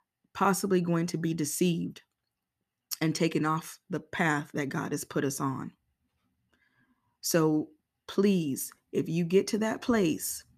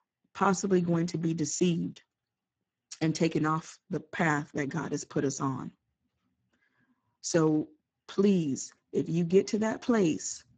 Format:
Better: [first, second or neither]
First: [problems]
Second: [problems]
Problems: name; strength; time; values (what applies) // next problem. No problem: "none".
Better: first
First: none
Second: garbled, watery; badly; nothing above 7.5 kHz